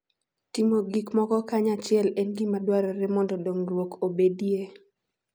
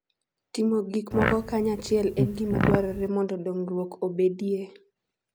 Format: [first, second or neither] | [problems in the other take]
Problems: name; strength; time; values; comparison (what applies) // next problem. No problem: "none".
first | background sound (Fart); 1 dB below the speech